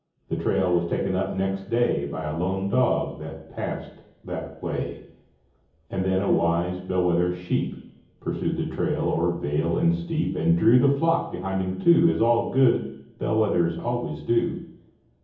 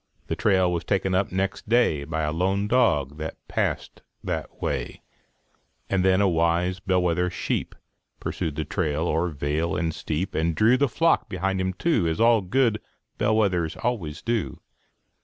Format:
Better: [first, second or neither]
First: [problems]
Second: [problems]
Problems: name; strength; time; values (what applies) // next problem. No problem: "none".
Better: second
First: room echo; dies away in 0.7 s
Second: none